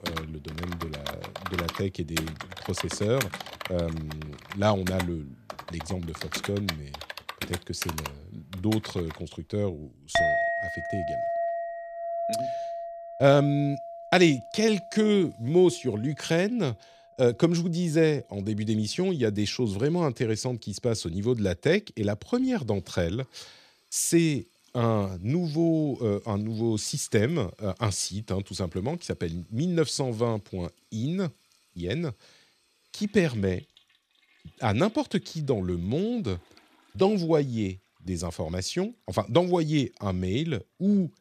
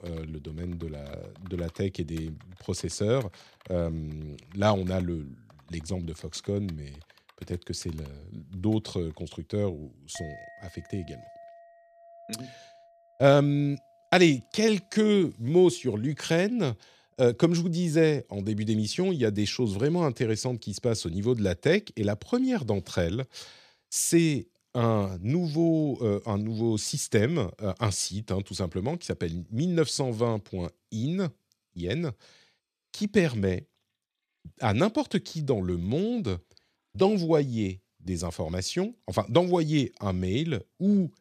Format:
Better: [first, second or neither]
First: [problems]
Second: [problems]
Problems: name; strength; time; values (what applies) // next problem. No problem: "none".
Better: second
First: household noises; loud; throughout; 6 dB below the speech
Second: household noises; faint; throughout; 25 dB below the speech